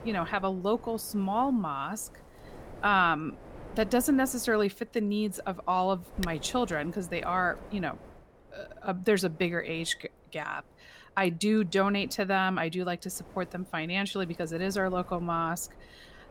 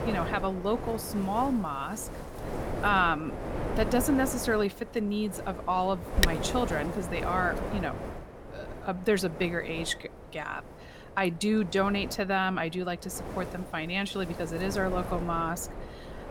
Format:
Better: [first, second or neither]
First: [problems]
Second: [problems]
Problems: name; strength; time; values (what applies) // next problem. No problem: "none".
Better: first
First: wind noise on the microphone; occasional gusts; 20 dB below the speech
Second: wind noise on the microphone; heavy; 8 dB below the speech